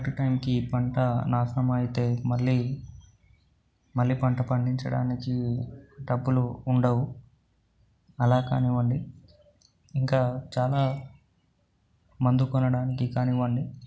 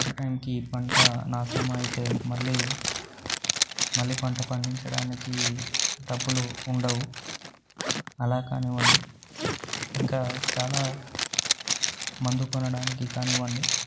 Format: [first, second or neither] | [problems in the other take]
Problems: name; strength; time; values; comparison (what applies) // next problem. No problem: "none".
first | background sound (Zipper (clothing)); 1 dB above the speech